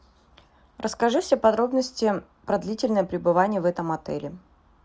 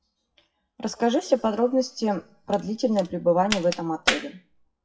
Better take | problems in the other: first | noise reduction (classical method WPE with log-MMSE)

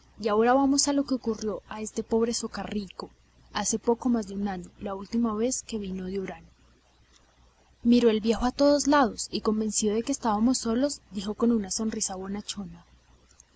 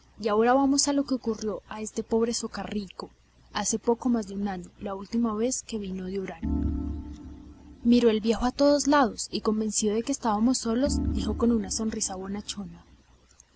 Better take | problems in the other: first | background sound (Organ); 6 dB below the speech

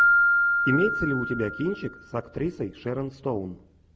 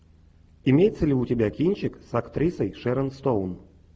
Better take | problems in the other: second | background sound (Keyboard (musical)); 3 dB above the speech

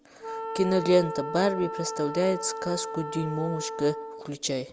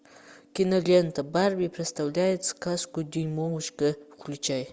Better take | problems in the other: second | background sound (Wind instrument, woodwind instrument); 7 dB below the speech

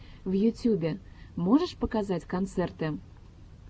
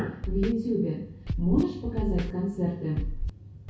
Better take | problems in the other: first | background sound (Scratching (performance technique)); 4 dB below the speech // room echo; dies away in 0.6 s

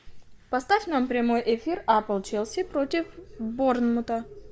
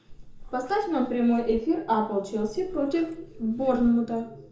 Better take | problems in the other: first | background sound (Meow); 17 dB below the speech // room echo; dies away in 0.6 s

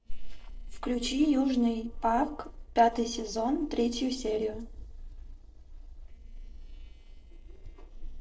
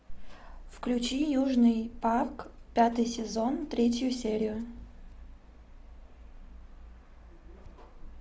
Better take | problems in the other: second | noise reduction (neural separator model SepFormer DNS4)

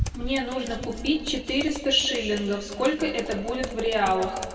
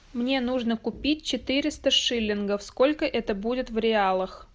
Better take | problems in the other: second | background sound (Computer keyboard); 10 dB below the speech // room echo; dies away in 1.9 s

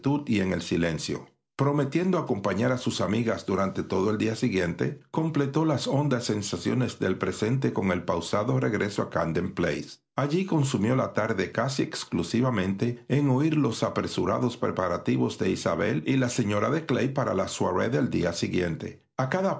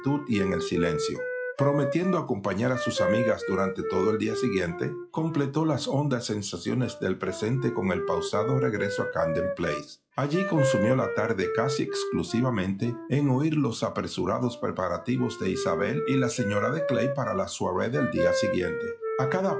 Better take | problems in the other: first | noise reduction (classical method log-MMSE)

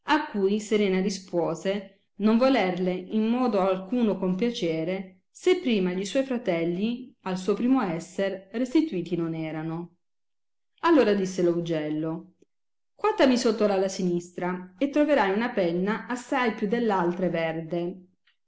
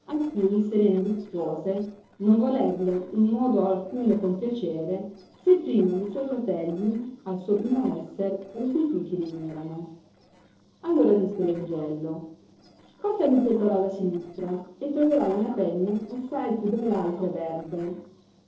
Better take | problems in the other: first | noise reduction (neural separator model SepFormer DNS4)

